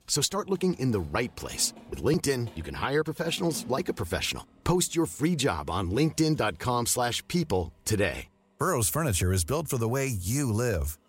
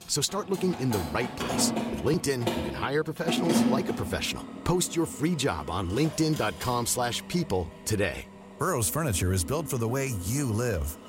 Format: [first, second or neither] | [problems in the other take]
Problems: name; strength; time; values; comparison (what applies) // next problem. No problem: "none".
first | machinery noise; loud; throughout; 6 dB below the speech; faint in the first